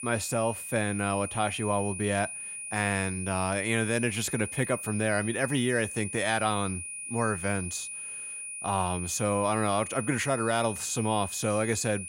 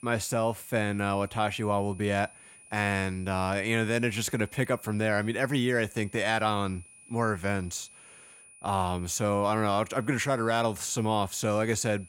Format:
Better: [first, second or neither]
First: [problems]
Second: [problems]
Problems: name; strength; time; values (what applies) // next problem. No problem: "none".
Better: second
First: high-pitched whine; loud; throughout; 9.5 kHz, 7 dB below the speech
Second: high-pitched whine; faint; throughout; 9.5 kHz, 20 dB below the speech